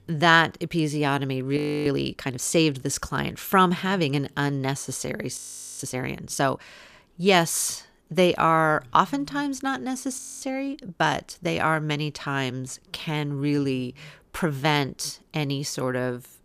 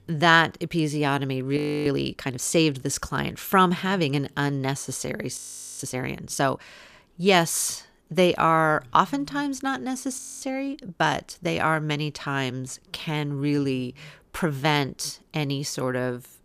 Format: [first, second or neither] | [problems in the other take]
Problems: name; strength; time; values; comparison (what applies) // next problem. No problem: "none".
neither | audio freezing; at 1.5 s, at 5.5 s and at 10 s; the same in both